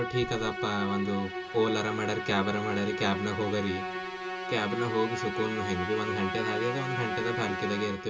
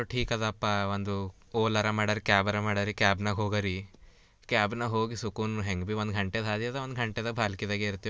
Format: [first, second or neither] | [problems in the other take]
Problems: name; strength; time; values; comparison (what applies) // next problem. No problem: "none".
second | background sound (Musical instrument); 4 dB below the speech // room echo; dies away in 0.2 s